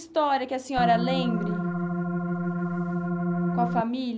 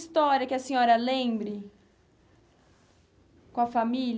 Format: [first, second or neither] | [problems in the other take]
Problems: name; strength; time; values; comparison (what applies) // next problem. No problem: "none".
second | background sound (Organ); 1 dB above the speech